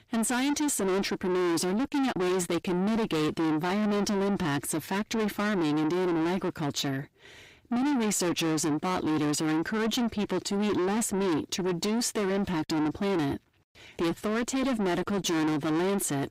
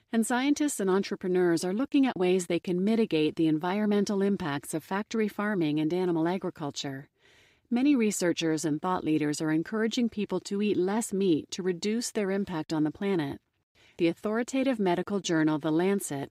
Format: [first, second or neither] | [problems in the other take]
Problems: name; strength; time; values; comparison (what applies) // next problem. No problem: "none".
second | distortion; heavy; 7 dB below the speech